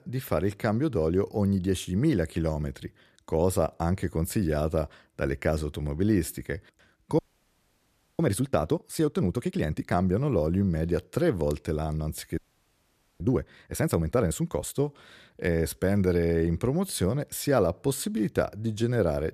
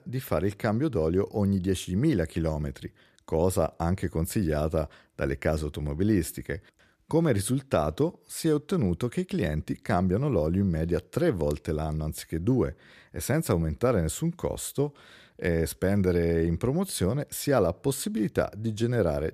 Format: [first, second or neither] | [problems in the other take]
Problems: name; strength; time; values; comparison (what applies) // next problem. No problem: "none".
second | audio freezing; at 7 s for 1 s and at 12 s for 1 s